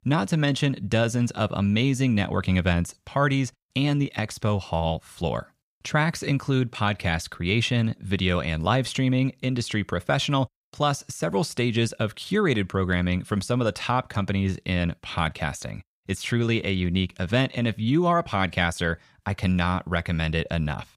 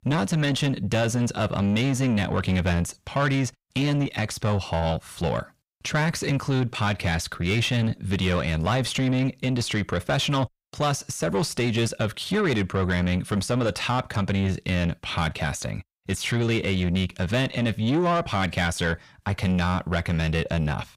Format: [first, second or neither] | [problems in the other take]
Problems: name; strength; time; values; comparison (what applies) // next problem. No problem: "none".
first | distortion; slight; 10 dB below the speech